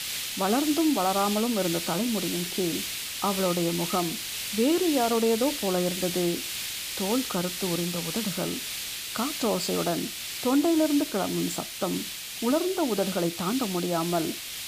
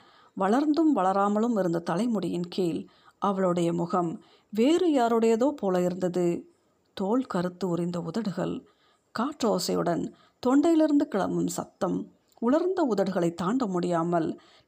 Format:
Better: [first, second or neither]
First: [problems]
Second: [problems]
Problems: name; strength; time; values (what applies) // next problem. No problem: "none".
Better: second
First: hiss; loud; throughout; 4 dB below the speech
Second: none